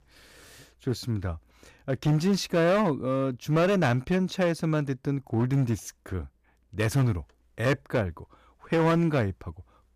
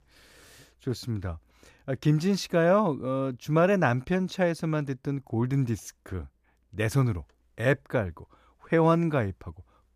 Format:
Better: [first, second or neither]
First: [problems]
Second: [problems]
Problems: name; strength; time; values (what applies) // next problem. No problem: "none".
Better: second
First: distortion; slight; 7% of the sound clipped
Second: none